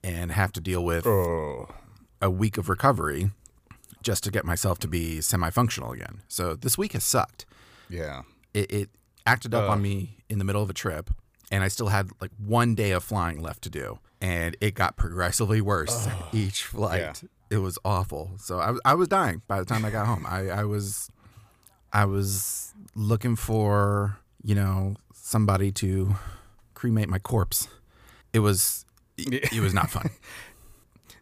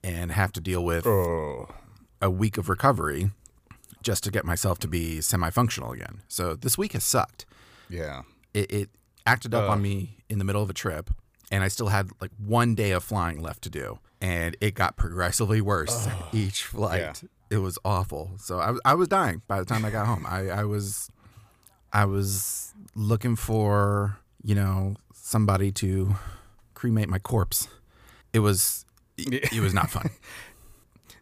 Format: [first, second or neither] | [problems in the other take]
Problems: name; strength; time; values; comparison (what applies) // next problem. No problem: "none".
neither | none